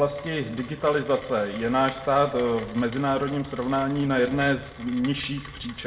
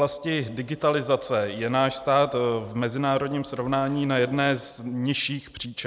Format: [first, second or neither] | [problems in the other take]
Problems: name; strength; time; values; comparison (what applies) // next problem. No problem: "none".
second | background sound (Rain); 17 dB below the speech // room echo; dies away in 0.7 s